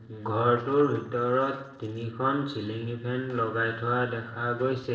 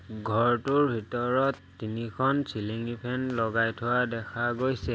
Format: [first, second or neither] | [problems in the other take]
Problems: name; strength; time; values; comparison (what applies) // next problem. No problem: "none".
second | noise reduction (neural separator model SepFormer DNS4)